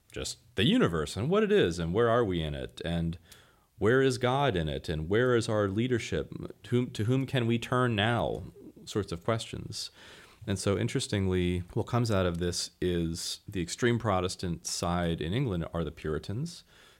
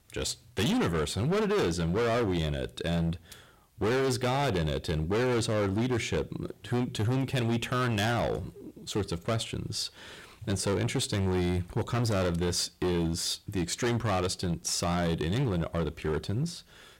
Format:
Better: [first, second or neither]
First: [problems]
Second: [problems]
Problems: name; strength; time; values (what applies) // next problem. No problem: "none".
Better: first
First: none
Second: distortion; heavy; 19% of the sound clipped